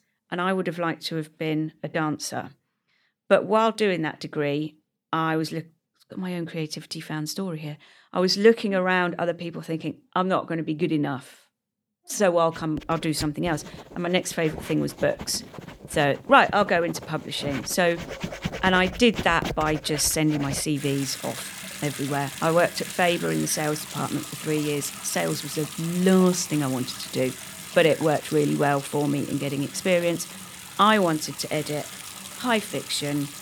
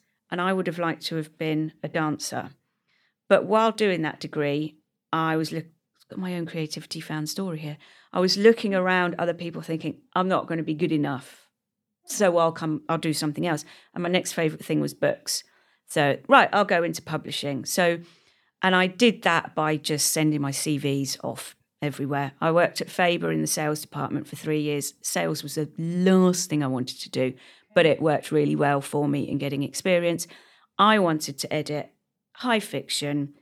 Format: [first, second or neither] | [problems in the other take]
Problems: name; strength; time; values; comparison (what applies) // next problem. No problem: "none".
second | household noises; noticeable; from 13 s on; 10 dB below the speech